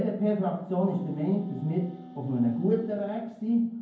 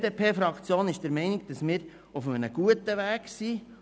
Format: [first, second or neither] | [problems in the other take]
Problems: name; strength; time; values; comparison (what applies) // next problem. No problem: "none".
second | background sound (Wind instrument, woodwind instrument); 20 dB below the speech // room echo; dies away in 0.9 s